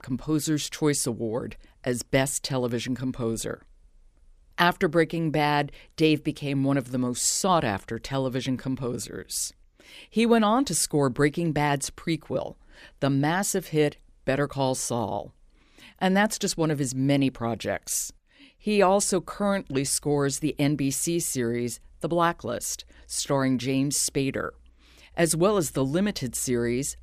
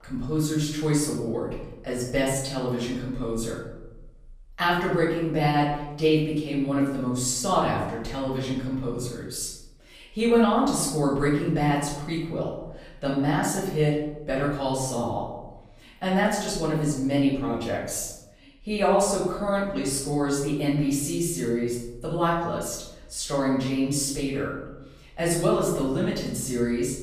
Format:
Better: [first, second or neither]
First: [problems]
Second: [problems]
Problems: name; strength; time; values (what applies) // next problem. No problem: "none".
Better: first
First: none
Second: room echo; noticeable; dies away in 0.8 s // off-mic speech; far